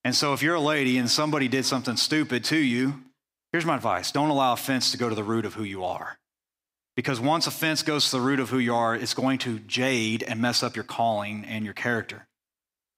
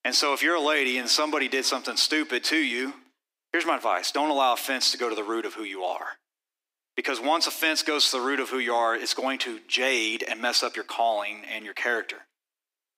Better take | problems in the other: first | thin; somewhat; fading below 300 Hz

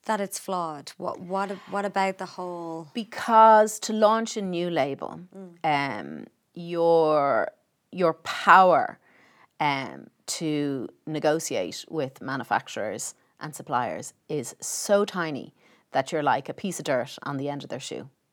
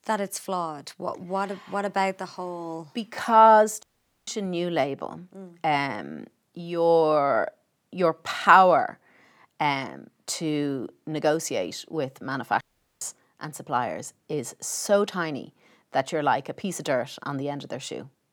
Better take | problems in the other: first | audio cutting out; at 4 s and at 13 s

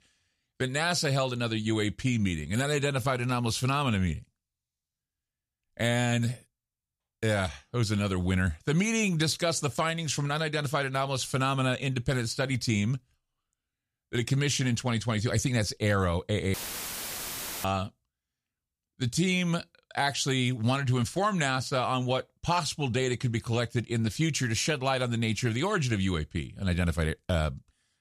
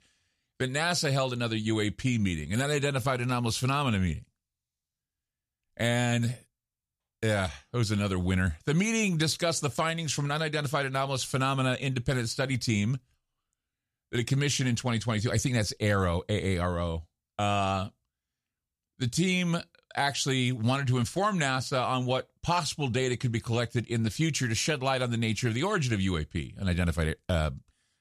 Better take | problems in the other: second | audio cutting out; filled with static; at 17 s for 1 s

